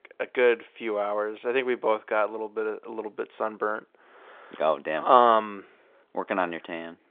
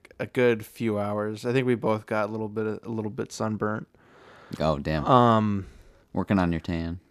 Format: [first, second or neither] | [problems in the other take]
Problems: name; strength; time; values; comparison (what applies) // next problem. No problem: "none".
second | phone-call audio